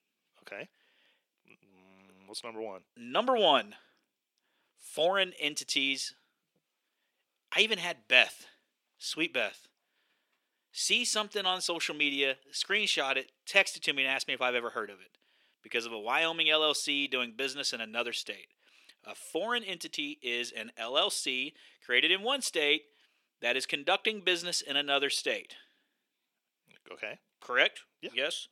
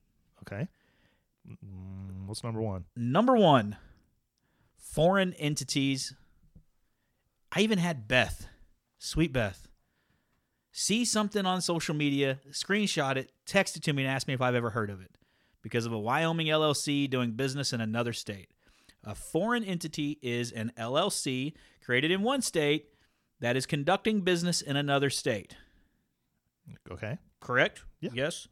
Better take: second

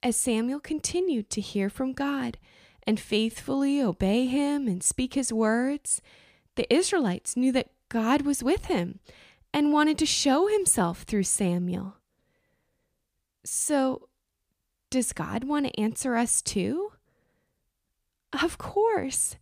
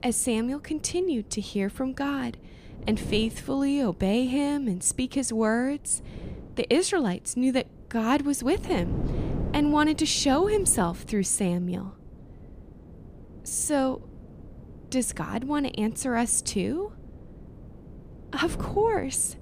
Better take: first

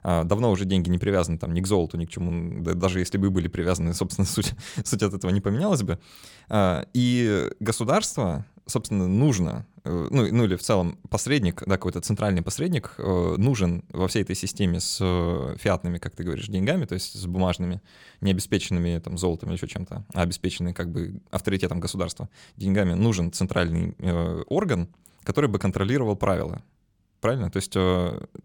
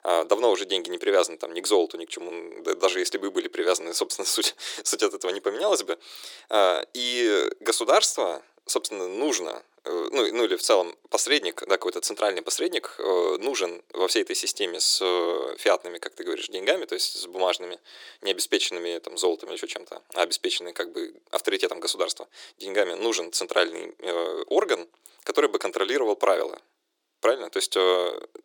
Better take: first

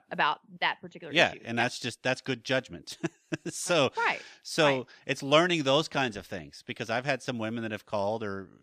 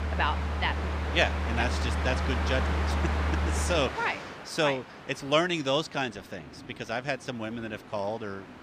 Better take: first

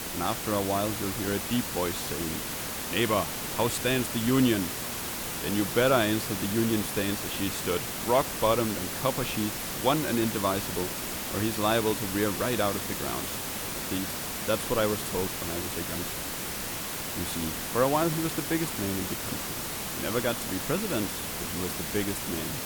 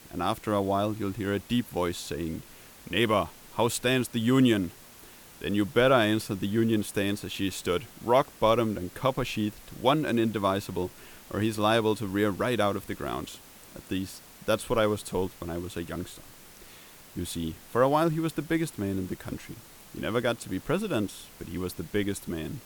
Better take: second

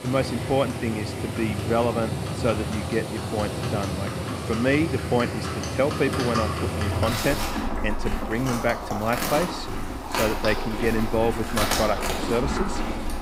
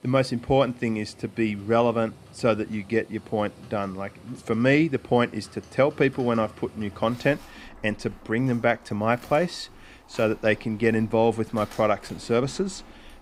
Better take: second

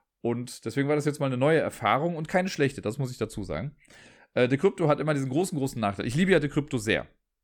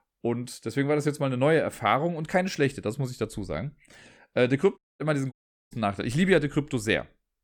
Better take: first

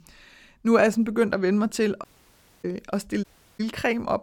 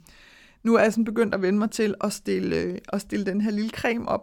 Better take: second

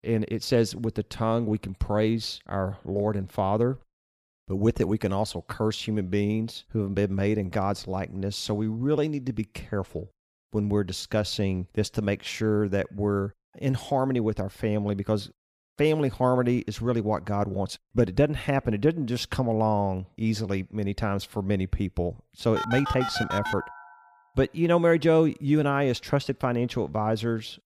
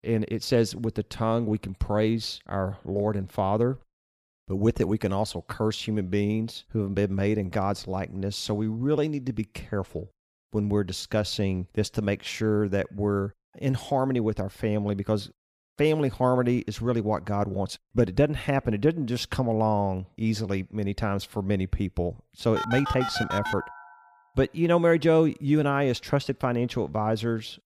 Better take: neither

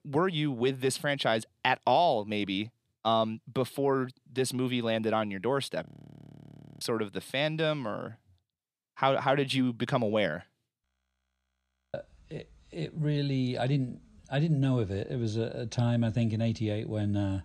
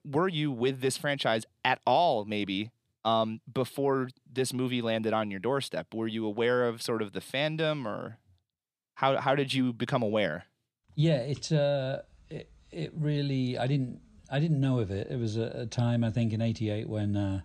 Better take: second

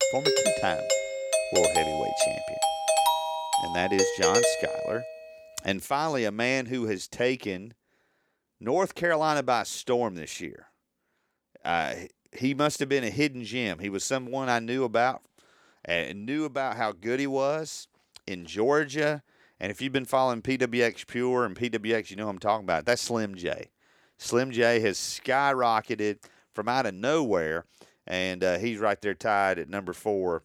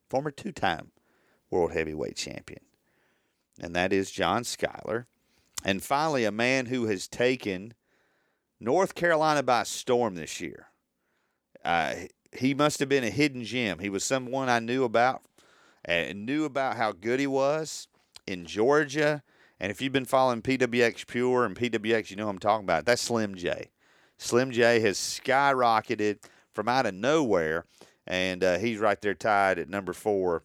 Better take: second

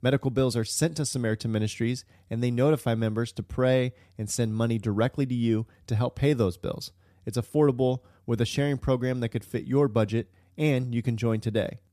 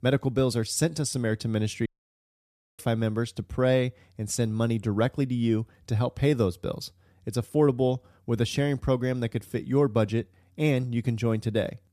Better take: first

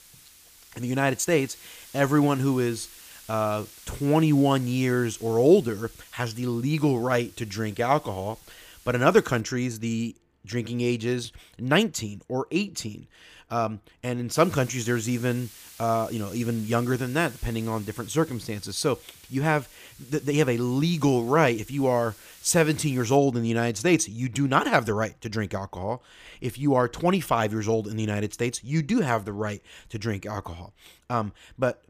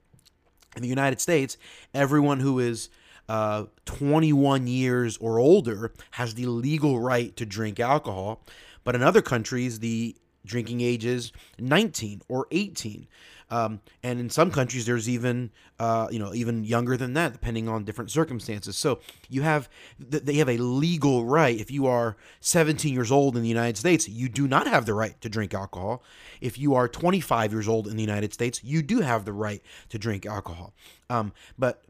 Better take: second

